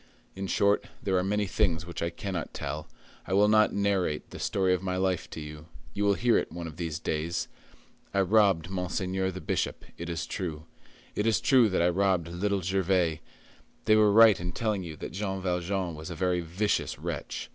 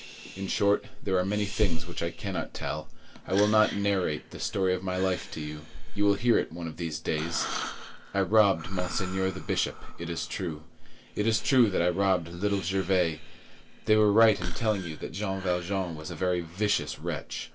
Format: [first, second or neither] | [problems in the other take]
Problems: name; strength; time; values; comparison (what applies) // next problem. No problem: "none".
first | background sound (Breathing); 18 dB below the speech // room echo; dies away in 0.2 s